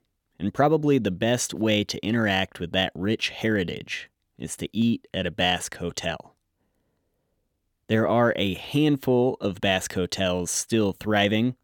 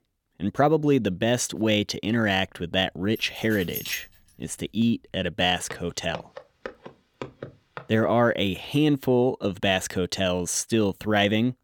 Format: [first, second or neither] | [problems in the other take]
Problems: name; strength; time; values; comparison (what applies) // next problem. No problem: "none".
first | jangling keys; noticeable; at 3 s; peak 8 dB below the speech // footsteps; faint; from 5.5 to 8 s; peak 15 dB below the speech